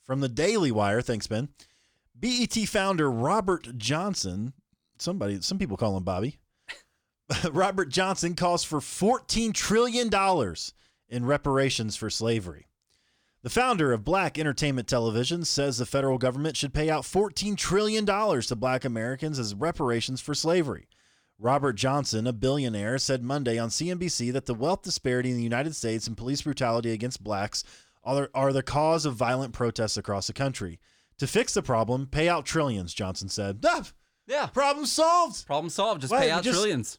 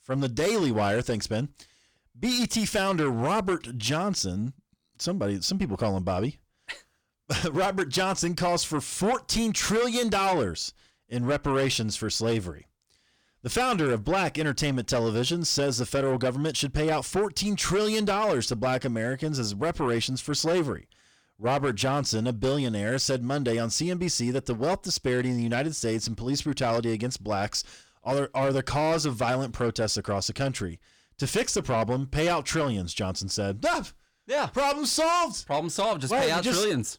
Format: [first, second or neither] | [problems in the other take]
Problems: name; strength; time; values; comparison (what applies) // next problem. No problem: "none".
first | distortion; slight; 10 dB below the speech